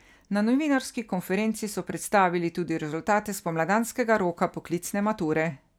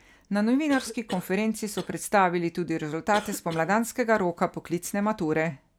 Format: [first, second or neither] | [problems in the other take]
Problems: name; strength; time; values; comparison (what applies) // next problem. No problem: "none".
first | background sound (Cough); 18 dB below the speech